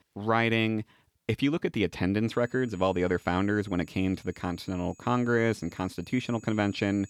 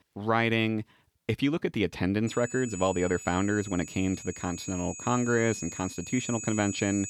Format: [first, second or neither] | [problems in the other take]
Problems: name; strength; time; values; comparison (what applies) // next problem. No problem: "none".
first | high-pitched whine; loud; from 2.5 s on; 7 kHz, 10 dB below the speech; faint in the first